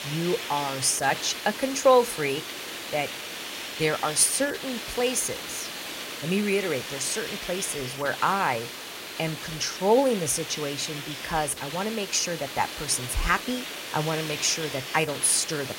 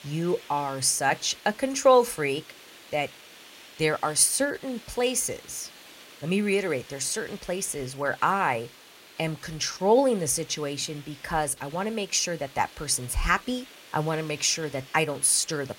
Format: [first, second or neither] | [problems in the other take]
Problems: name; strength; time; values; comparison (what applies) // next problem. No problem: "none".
second | hiss; loud; throughout; 8 dB below the speech; faint in the second